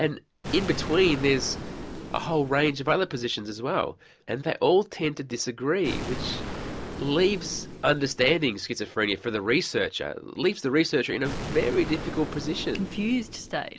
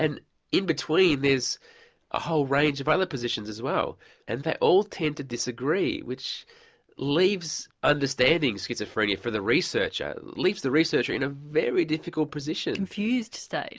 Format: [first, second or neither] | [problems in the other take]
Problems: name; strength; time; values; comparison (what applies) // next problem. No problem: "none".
second | background sound (Explosion); 11 dB below the speech